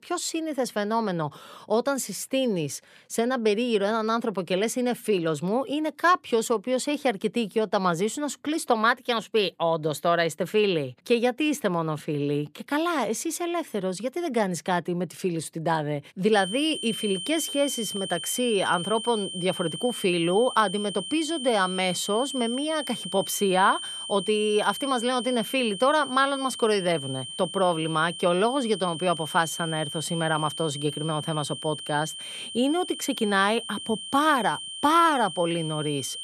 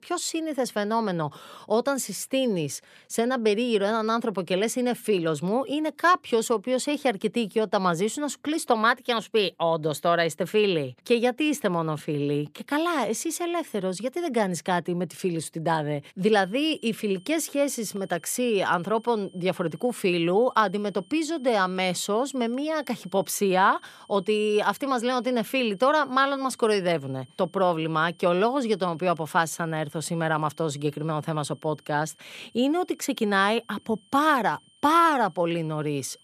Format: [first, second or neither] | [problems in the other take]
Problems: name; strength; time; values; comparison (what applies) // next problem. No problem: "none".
second | high-pitched whine; loud; from 16 s on; 3 kHz, 8 dB below the speech; faint in the second